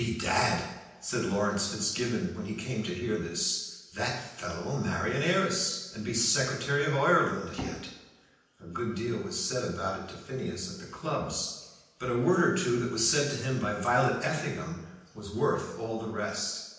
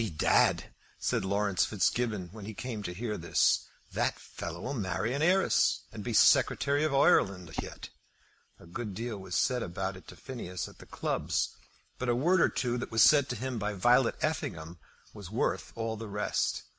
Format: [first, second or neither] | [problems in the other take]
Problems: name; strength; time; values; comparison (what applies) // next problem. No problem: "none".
second | room echo; dies away in 0.9 s